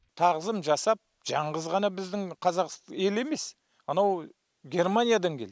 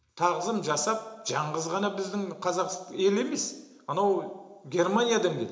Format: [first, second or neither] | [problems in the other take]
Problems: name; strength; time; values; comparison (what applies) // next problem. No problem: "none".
first | room echo; dies away in 0.8 s